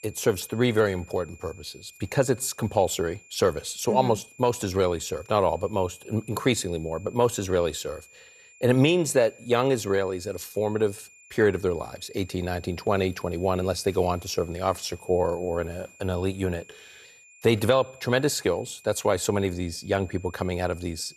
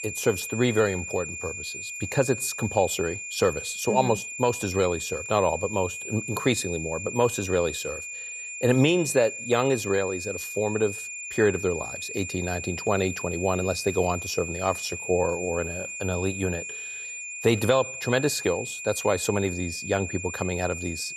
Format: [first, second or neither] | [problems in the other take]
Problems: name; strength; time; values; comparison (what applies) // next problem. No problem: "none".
first | high-pitched whine; loud; throughout; 2.5 kHz, 7 dB below the speech; faint in the first